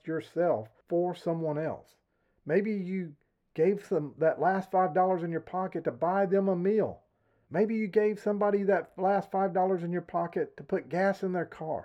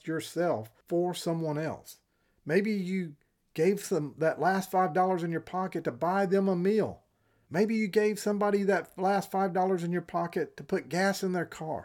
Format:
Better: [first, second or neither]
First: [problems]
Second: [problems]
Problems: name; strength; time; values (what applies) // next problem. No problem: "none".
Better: second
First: muffled; very; fading above 3.5 kHz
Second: none